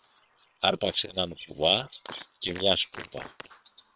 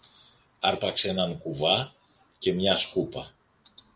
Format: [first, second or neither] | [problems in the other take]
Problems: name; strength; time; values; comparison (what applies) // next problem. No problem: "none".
second | noise reduction (neural separator model SepFormer WHAM!)